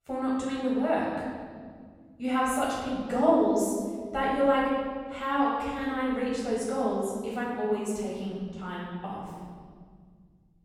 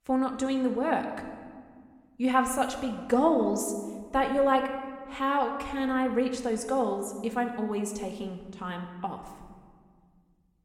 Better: second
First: room echo; strong; dies away in 2.2 s // off-mic speech; far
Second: room echo; slight; dies away in 1.3 s

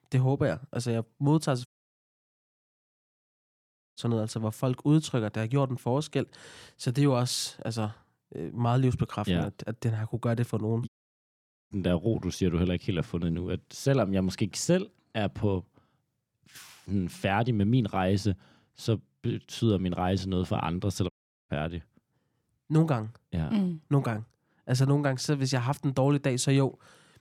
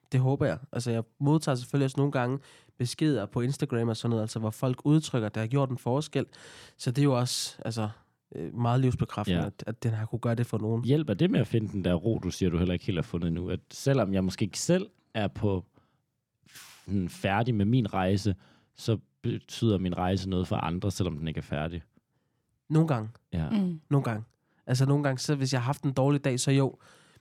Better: second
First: audio cutting out; at 1.5 s for 2.5 s, at 11 s for 1 s and at 21 s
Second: none

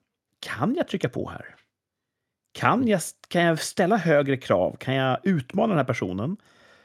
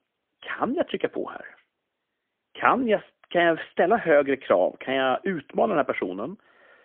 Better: first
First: none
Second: phone-call audio; poor line; nothing above 3.5 kHz

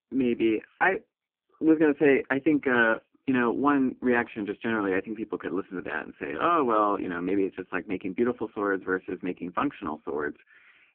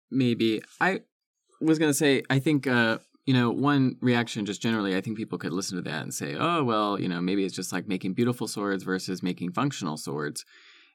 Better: second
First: phone-call audio; poor line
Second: none

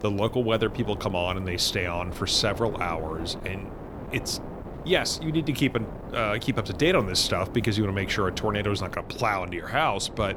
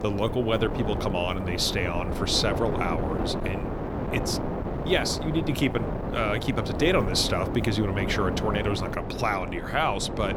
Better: first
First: wind noise on the microphone; occasional gusts; 15 dB below the speech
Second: wind noise on the microphone; heavy; 6 dB below the speech

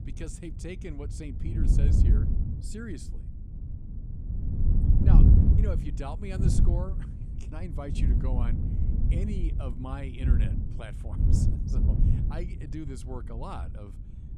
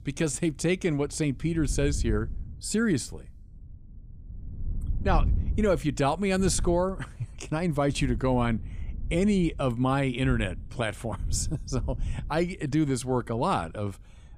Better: second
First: wind noise on the microphone; heavy; 2 dB above the speech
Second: wind noise on the microphone; occasional gusts; 20 dB below the speech

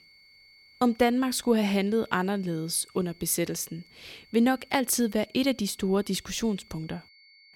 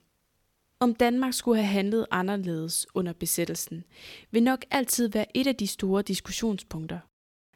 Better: second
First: high-pitched whine; faint; throughout; 4.5 kHz, 25 dB below the speech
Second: none

